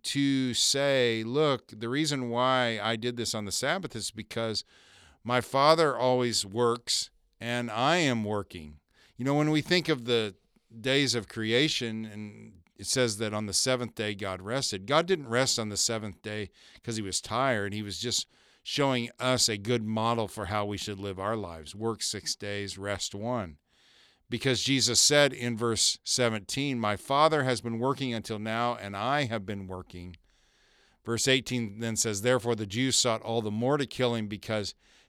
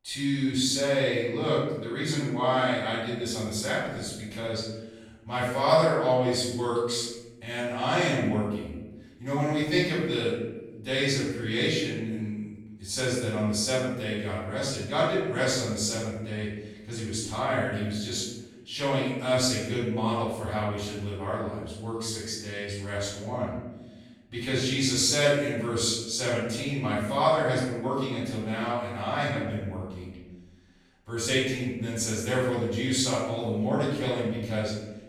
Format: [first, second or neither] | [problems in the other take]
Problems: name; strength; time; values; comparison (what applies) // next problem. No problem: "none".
first | off-mic speech; far // room echo; strong; dies away in 1 s